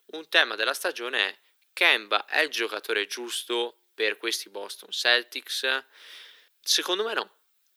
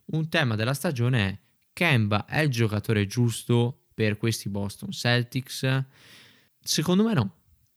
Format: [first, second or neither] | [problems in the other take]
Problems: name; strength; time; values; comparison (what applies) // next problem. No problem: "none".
second | thin; very; fading below 350 Hz